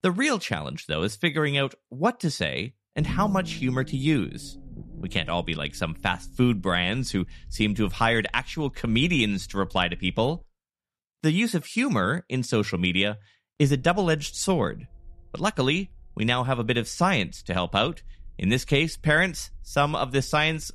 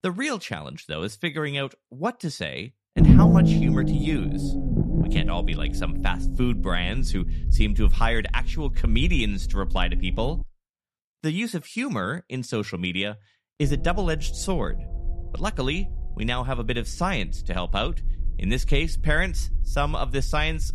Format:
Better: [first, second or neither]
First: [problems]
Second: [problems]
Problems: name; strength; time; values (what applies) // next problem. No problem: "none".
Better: first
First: low rumble; faint; from 3 to 10 s and from 14 s on; 25 dB below the speech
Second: low rumble; loud; from 3 to 10 s and from 14 s on; 2 dB below the speech